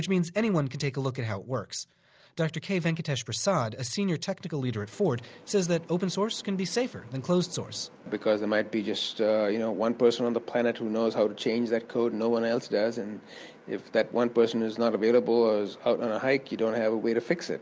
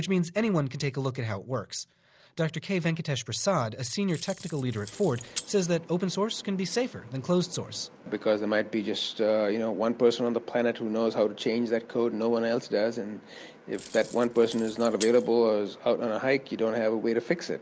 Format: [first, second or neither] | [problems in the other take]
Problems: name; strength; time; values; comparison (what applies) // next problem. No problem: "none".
first | background sound (Keys jangling); 16 dB below the speech